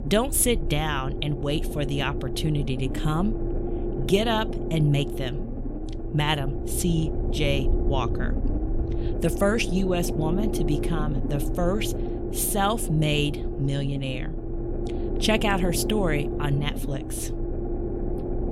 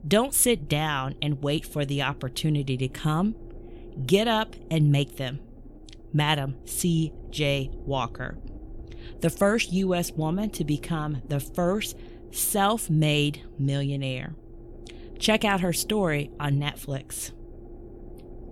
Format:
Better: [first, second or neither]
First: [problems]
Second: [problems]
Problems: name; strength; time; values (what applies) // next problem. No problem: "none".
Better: second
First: low rumble; loud; throughout; 7 dB below the speech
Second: low rumble; faint; throughout; 20 dB below the speech